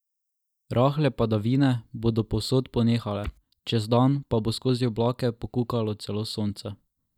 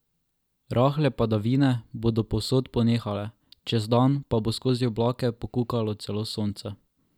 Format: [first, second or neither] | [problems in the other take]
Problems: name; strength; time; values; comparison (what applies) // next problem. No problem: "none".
second | noise reduction (neural mask model DeepFilterNet 3)